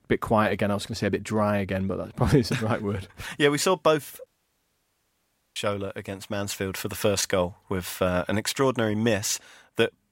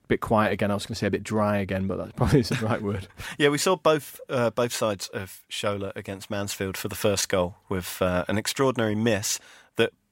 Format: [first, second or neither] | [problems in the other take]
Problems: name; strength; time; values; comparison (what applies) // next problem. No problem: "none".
second | audio cutting out; at 4.5 s for 1.5 s